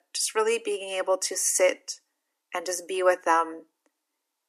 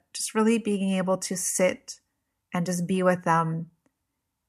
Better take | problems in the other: second | thin; very; fading below 300 Hz

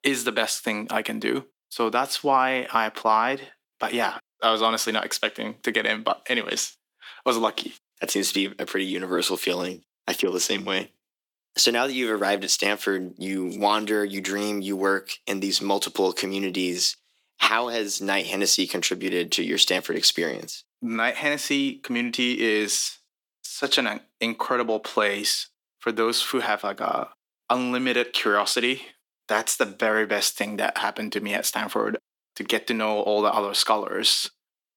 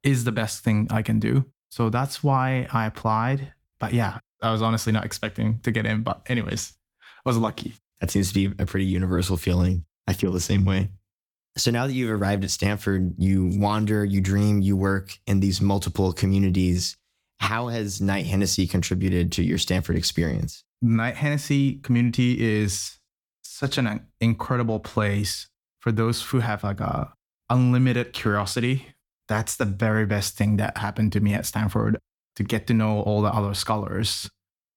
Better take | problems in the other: second | thin; somewhat; fading below 300 Hz

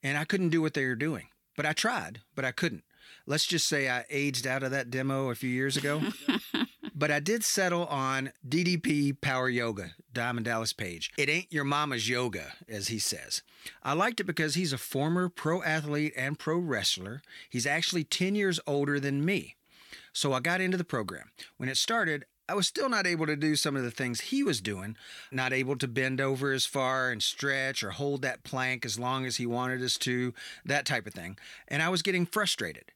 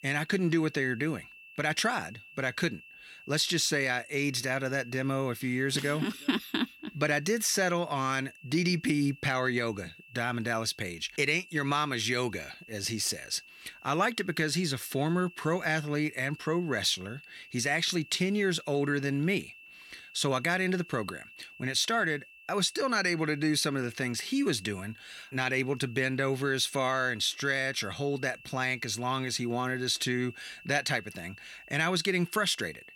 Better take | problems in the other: first | high-pitched whine; faint; throughout; 2.5 kHz, 20 dB below the speech

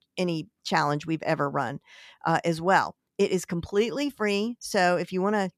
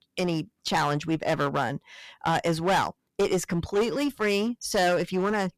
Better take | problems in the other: first | distortion; heavy; 12% of the sound clipped

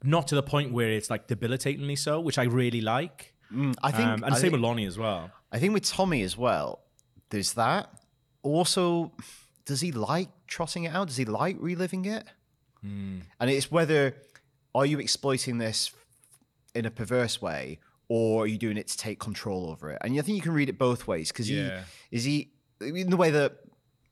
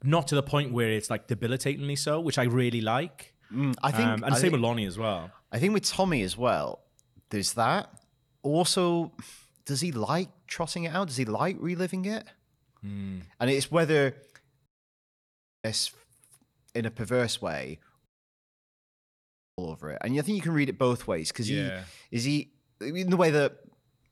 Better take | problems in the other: first | audio cutting out; at 15 s for 1 s and at 18 s for 1.5 s

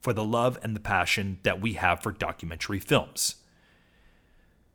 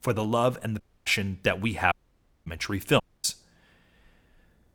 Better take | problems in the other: first | audio cutting out; at 1 s, at 2 s for 0.5 s and at 3 s

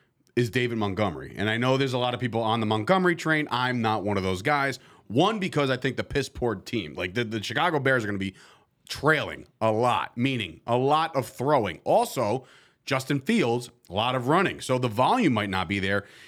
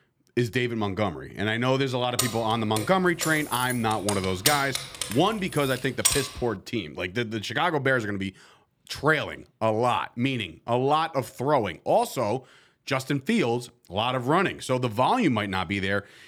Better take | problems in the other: first | jangling keys; loud; from 2 to 6 s; peak 3 dB above the speech

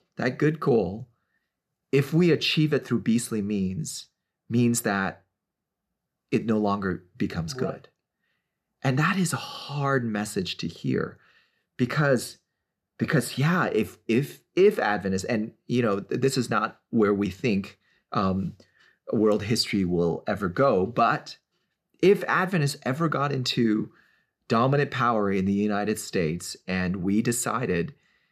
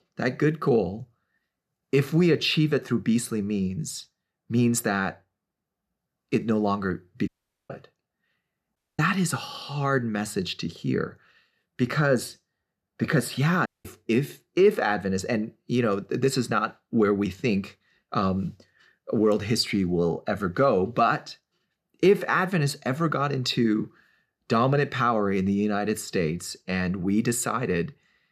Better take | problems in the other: first | audio cutting out; at 7.5 s, at 9 s and at 14 s

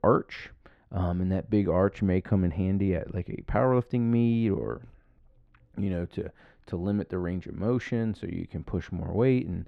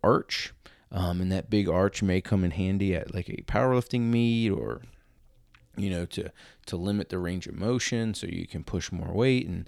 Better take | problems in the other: second | muffled; very; fading above 3 kHz

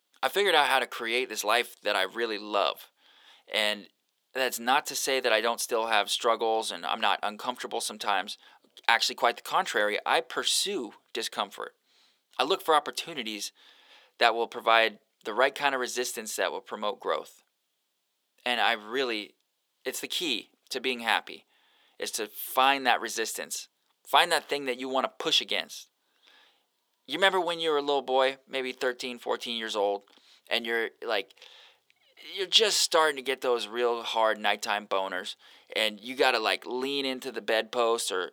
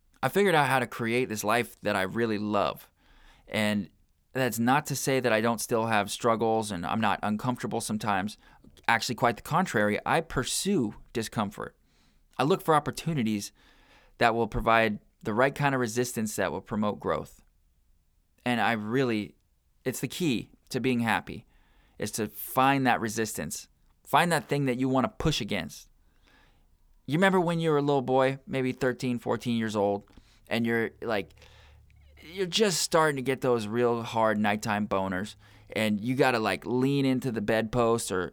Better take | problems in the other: second | thin; somewhat; fading below 400 Hz

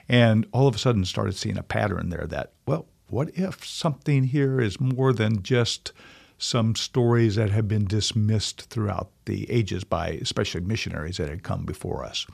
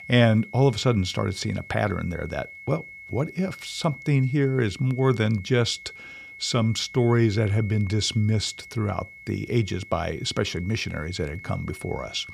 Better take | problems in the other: first | high-pitched whine; noticeable; throughout; 2 kHz, 15 dB below the speech

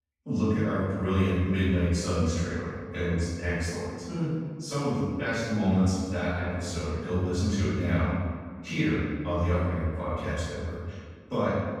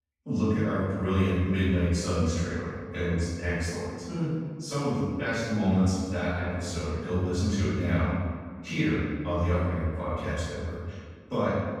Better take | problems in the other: neither | off-mic speech; far; the same in both // room echo; strong; dies away in 1.6 s; the same in both

